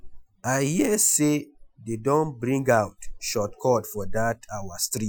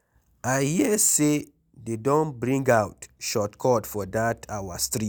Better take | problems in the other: second | noise reduction (classical method Wiener filter)

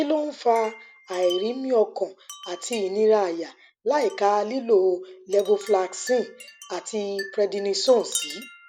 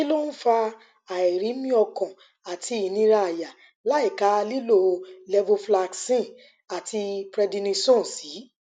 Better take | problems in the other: second | background sound (Wind chime); 17 dB below the speech

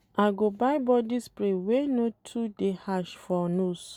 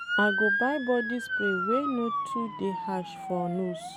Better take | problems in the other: first | background sound (Motor vehicle (road) / Siren); 1 dB below the speech

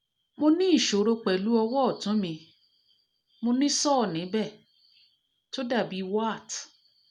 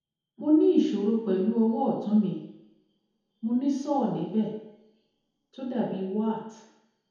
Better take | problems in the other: first | room echo; dies away in 0.9 s

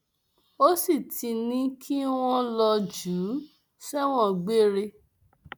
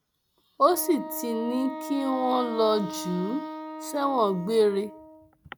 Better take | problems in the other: first | background sound (Wind instrument, woodwind instrument); 11 dB below the speech

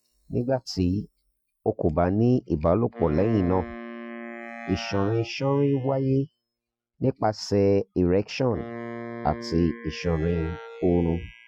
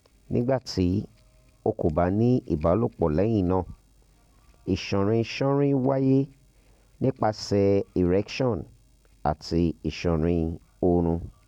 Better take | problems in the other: second | noise reduction (classical method Wiener filter)

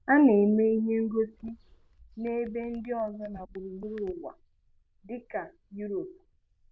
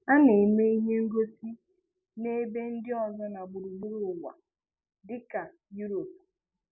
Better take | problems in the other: second | noise reduction (neural diffusion model UNIVERSE++)

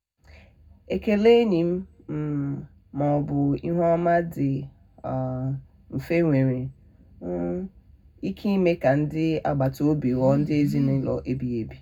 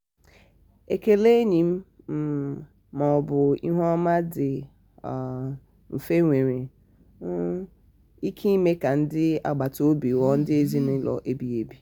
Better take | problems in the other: second | room echo; dies away in 0.3 s

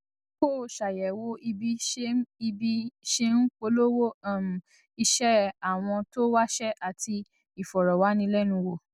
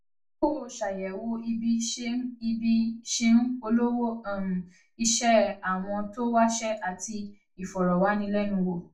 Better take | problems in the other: first | room echo; dies away in 0.3 s

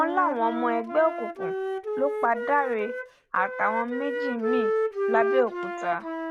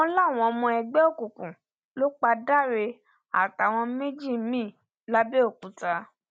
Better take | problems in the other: second | background sound (Wind instrument, woodwind instrument); 2 dB below the speech

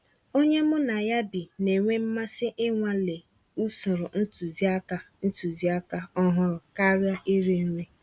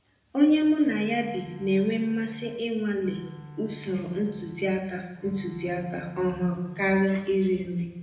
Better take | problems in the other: first | background sound (Bowed string instrument); 18 dB below the speech // room echo; dies away in 0.9 s

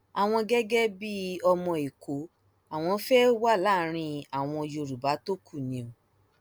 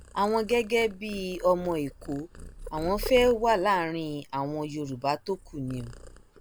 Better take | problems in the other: first | background sound (Purr); 15 dB below the speech

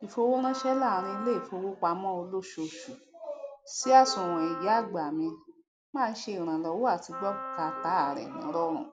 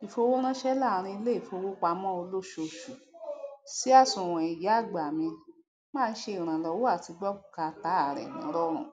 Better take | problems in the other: second | background sound (Wind instrument, woodwind instrument); 10 dB below the speech

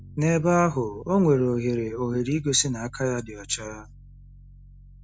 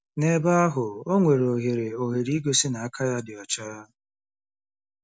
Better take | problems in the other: second | background sound (Piano); 20 dB below the speech

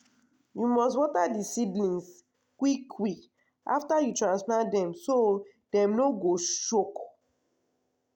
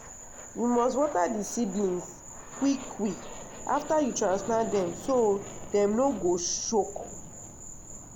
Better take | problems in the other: first | background sound (Insect + Aircraft); 13 dB below the speech

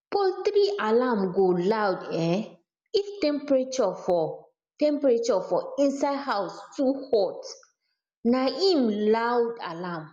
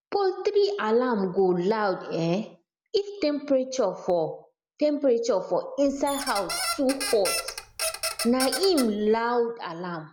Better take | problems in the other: first | background sound (Squeak); 6 dB below the speech

